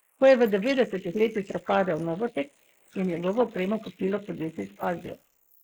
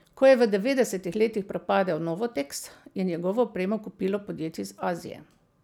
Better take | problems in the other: second | noise reduction (neural mask model Resemble Enhance denoiser)

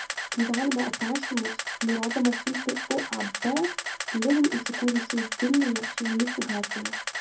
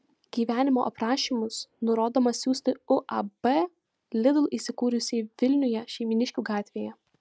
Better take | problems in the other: second | background sound (Camera); 5 dB below the speech // room echo; dies away in 0.4 s

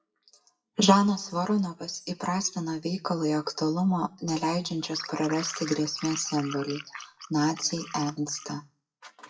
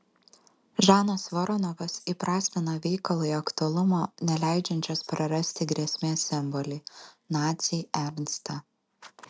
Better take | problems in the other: second | noise reduction (classical method WPE with log-MMSE)

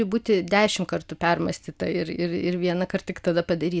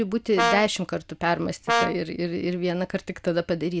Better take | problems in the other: first | background sound (Brass instrument); 2 dB above the speech

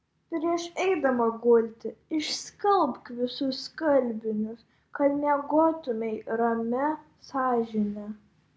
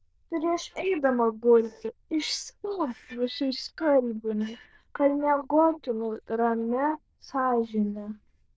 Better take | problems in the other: first | noise reduction (neural diffusion model UNIVERSE++)

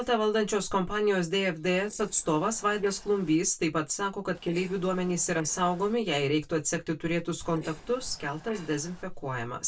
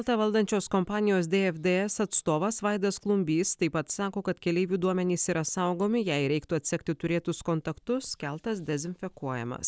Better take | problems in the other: second | noise reduction (neural separator model SepFormer DNS4)

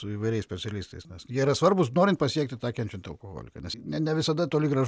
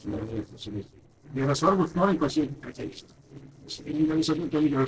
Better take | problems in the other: first | noise reduction (neural separator model SepFormer DNS4)

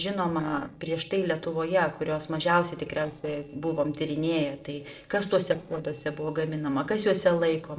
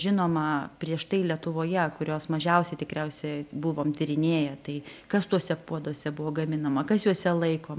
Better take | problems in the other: second | noise reduction (neural separator model SepFormer DNS4)

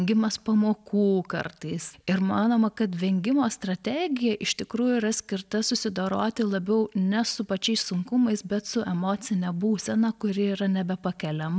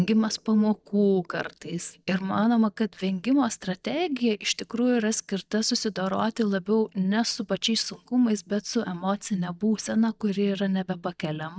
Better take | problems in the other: first | noise reduction (neural mask model DeepFilterNet 3)

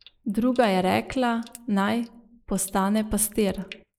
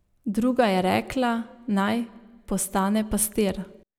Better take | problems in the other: second | noise reduction (neural mask model Resemble Enhance denoiser)

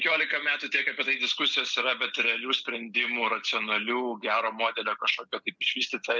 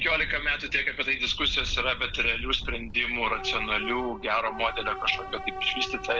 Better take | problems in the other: first | background sound (Subway, metro, underground / Train); 9 dB below the speech

